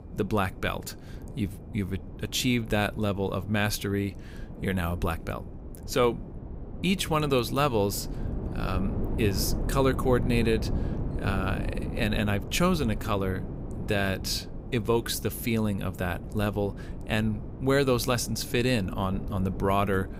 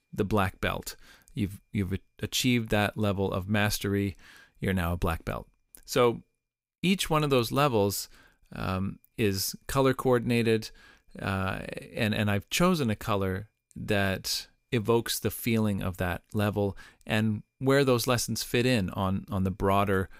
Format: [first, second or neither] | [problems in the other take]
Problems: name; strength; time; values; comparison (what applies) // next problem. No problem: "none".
second | wind noise on the microphone; occasional gusts; 15 dB below the speech